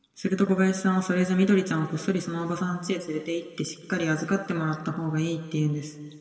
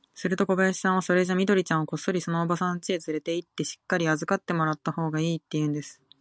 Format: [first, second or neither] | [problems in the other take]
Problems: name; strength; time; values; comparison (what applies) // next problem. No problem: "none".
second | room echo; dies away in 1.9 s